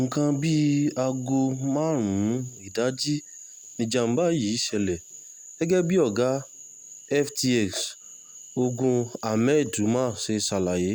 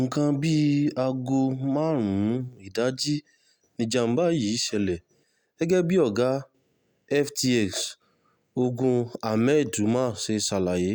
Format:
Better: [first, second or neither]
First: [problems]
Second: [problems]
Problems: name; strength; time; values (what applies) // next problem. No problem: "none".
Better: second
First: background sound (Frog); 20 dB below the speech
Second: none